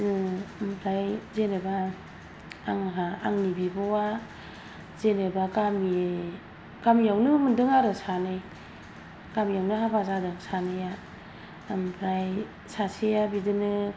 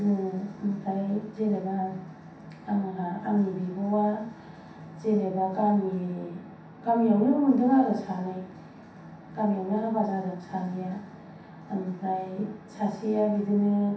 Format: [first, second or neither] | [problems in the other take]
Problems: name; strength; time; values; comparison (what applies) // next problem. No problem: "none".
first | room echo; dies away in 0.7 s